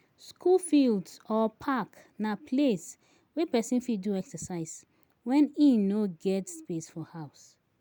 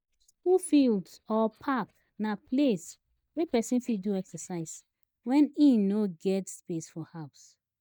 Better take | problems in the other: first | noise reduction (neural mask model DeepFilterNet 3)

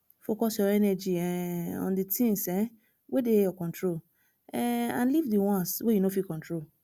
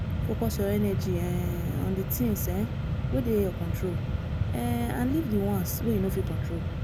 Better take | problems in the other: first | background sound (Mechanisms); 1 dB above the speech

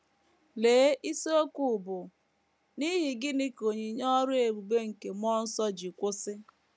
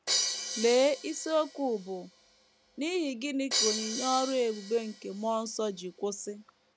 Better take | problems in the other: first | background sound (Crash cymbal); 6 dB below the speech

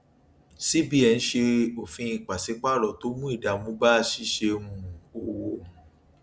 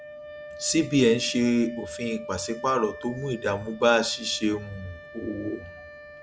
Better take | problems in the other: first | background sound (Wind instrument, woodwind instrument); 15 dB below the speech

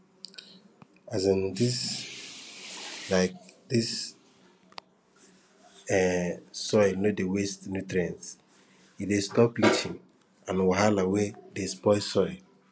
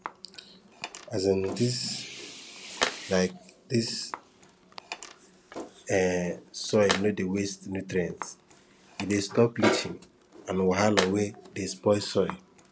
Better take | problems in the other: first | background sound (Tools); 11 dB below the speech

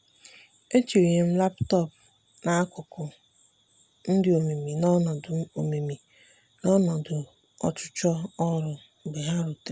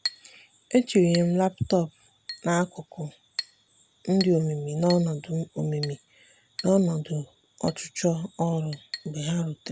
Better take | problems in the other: first | background sound (Chink, clink); 16 dB below the speech

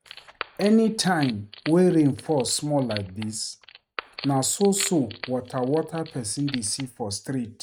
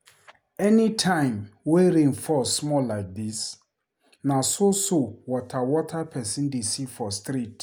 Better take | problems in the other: second | noise reduction (neural mask model RNNoise)

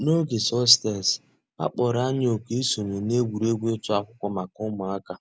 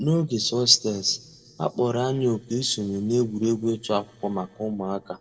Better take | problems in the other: first | noise reduction (neural separator model SepFormer DNS4)

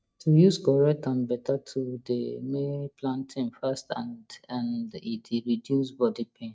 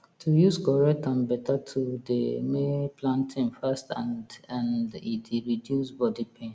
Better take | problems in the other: second | noise reduction (neural mask model DeepFilterNet 3)

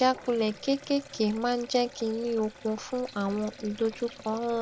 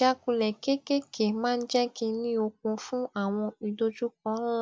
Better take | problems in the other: second | background sound (Sink (filling or washing)); 18 dB below the speech

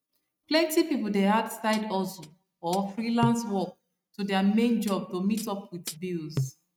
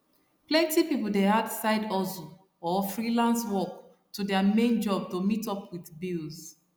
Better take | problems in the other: second | noise reduction (neural mask model RNNoise)

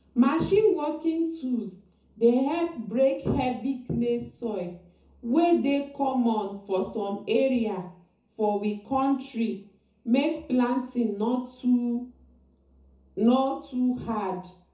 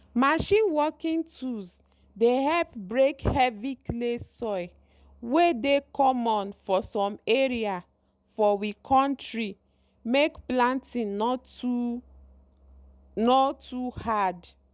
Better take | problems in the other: second | room echo; dies away in 0.6 s

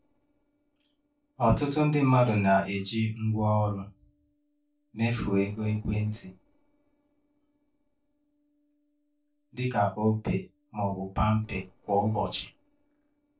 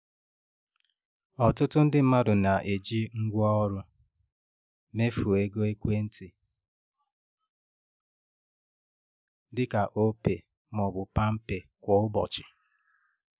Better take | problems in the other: second | noise reduction (neural separator model SepFormer DNS4)

